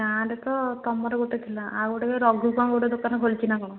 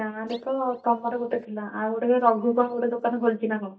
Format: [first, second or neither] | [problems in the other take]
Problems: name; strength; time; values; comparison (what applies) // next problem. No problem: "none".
first | noise reduction (neural mask model DeepFilterNet 3)